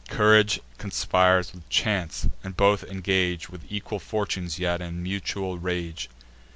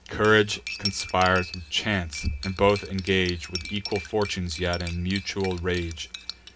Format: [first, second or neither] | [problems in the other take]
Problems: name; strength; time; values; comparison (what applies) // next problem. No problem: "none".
first | background sound (Cutlery, silverware); 13 dB below the speech // room echo; dies away in 0.3 s